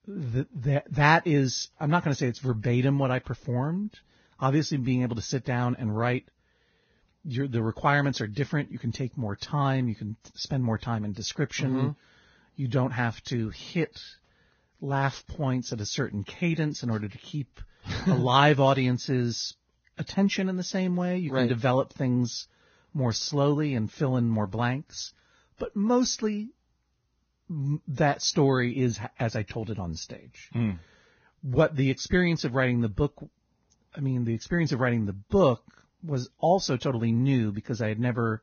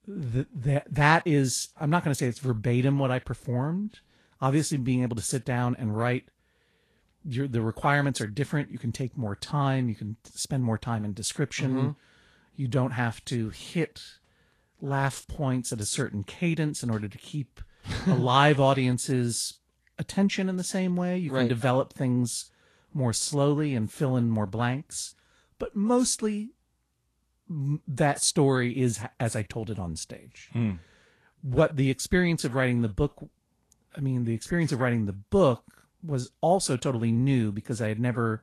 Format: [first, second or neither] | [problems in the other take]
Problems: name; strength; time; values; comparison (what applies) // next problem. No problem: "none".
second | garbled, watery; badly; nothing above 6.5 kHz; slightly in the second